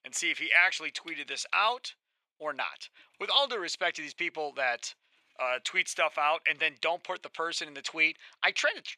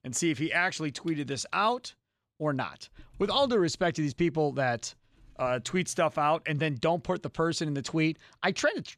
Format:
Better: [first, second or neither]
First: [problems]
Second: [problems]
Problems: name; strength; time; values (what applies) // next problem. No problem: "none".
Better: second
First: thin; very; fading below 700 Hz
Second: none